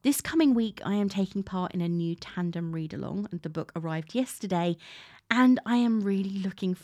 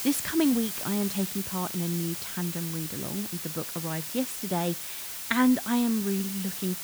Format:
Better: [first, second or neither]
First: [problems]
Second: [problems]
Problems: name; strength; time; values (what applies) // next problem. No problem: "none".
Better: first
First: none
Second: hiss; loud; throughout; 4 dB below the speech